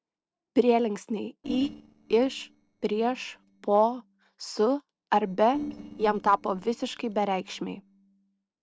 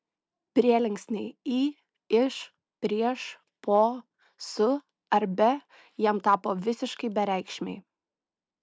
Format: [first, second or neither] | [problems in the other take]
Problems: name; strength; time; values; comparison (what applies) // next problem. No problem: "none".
second | noise reduction (neural separator model SepFormer DNS4)